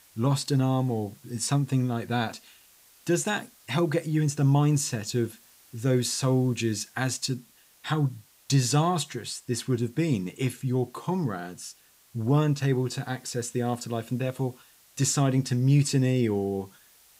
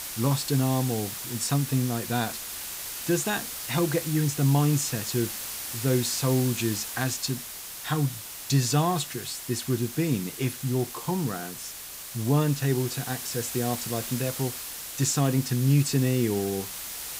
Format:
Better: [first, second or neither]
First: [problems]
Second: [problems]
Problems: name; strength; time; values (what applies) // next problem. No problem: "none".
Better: first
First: hiss; faint; throughout; 30 dB below the speech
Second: hiss; loud; throughout; 7 dB below the speech